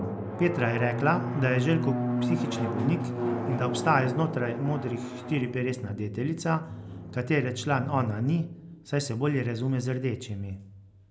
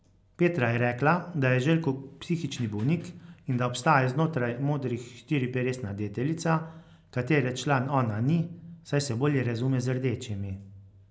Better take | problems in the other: second | background sound (Drum); 5 dB below the speech

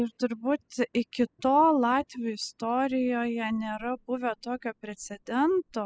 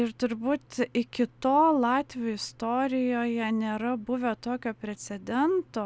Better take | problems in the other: second | noise reduction (classical method spectral subtraction)

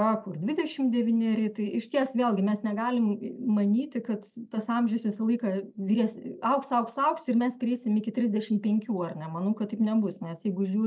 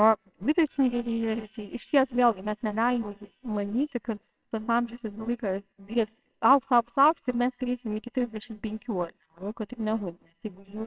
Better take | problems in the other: first | noise reduction (neural separator model SepFormer WHAMR!)

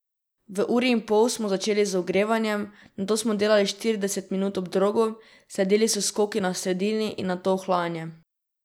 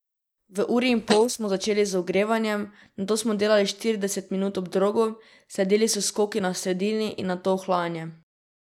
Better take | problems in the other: first | noise reduction (neural mask model DeepFilterNet 3)

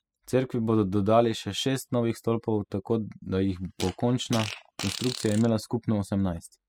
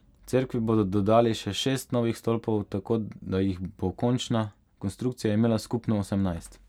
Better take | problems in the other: second | noise reduction (classical method spectral subtraction)

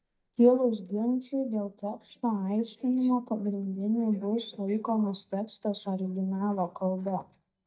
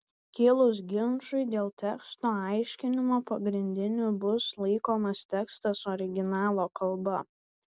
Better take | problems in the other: second | noise reduction (neural mask model DeepFilterNet 3)

